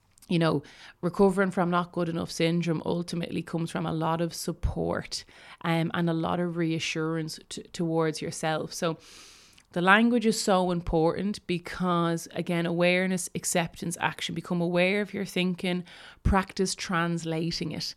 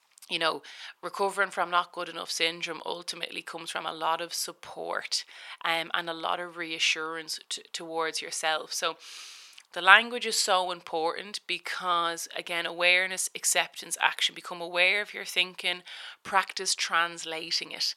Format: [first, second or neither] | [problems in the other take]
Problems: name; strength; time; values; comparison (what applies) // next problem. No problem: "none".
first | thin; very; fading below 800 Hz